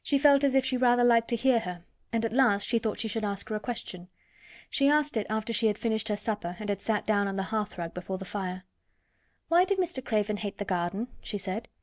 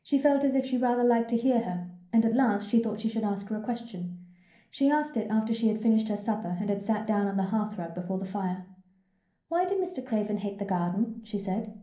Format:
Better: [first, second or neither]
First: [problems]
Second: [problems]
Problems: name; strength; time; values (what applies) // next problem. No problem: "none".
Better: first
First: none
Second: room echo; dies away in 0.6 s